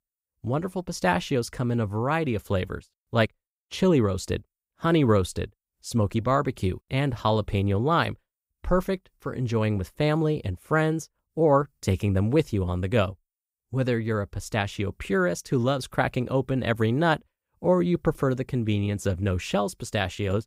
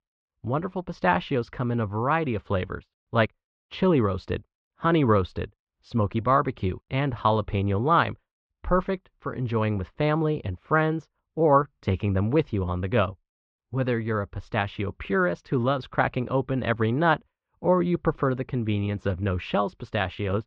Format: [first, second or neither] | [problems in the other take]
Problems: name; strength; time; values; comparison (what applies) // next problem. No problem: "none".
first | muffled; slightly; fading above 3.5 kHz